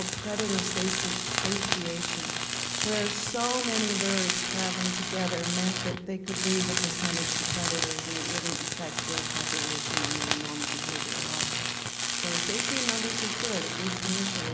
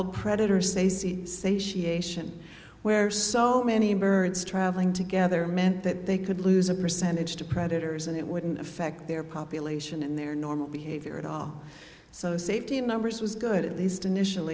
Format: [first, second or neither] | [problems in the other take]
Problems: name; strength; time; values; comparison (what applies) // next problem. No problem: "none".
second | background sound (Tools); 3 dB above the speech